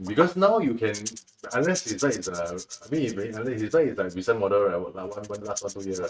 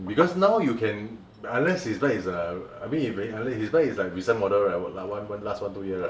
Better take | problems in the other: second | noise reduction (neural mask model RNNoise)

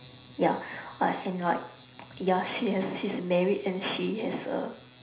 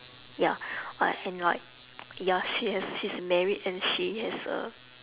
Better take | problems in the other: second | room echo; dies away in 0.5 s

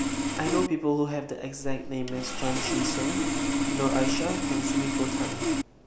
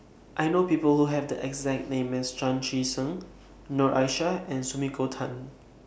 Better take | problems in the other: second | background sound (Sawing); 2 dB above the speech

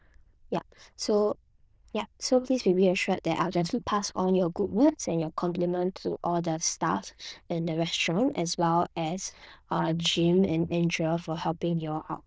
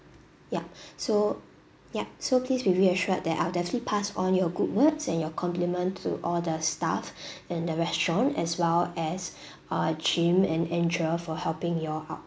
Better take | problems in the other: second | noise reduction (neural diffusion model UNIVERSE++)

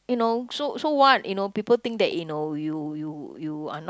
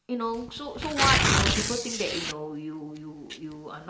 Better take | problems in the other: first | background sound (Tearing); 3 dB above the speech // room echo; dies away in 0.8 s

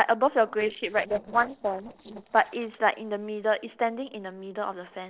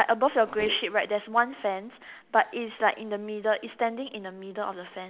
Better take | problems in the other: second | noise reduction (neural separator model SepFormer DNS4)

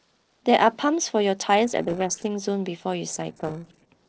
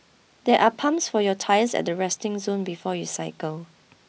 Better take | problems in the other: second | noise reduction (neural separator model SepFormer DNS4)

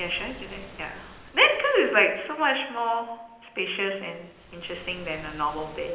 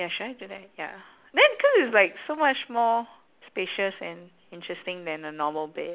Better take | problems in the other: second | background sound (Waves, surf); 20 dB below the speech // room echo; dies away in 0.8 s

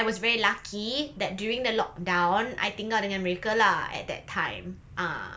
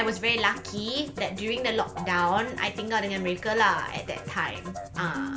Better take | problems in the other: first | background sound (Musical instrument); 11 dB below the speech

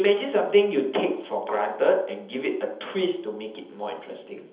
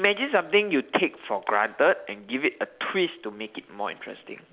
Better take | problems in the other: second | room echo; dies away in 0.7 s

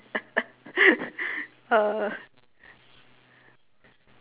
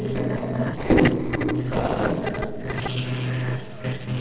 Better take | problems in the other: first | noise reduction (neural separator model SepFormer DNS4)

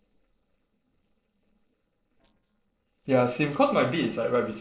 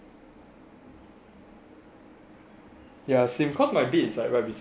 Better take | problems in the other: second | noise reduction (neural separator model SepFormer DNS4)

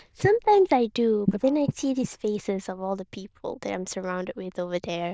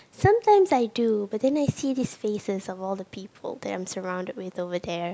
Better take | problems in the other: second | noise reduction (neural diffusion model UNIVERSE++)

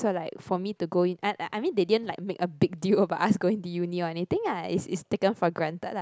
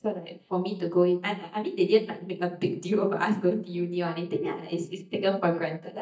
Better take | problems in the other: first | noise reduction (neural mask model DeepFilterNet 3)

